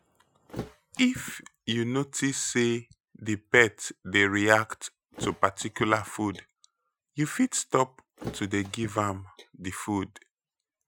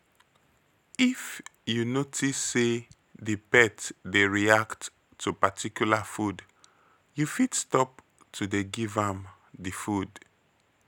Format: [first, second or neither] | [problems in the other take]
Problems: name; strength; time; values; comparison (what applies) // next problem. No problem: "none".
second | noise reduction (classical method Wiener filter)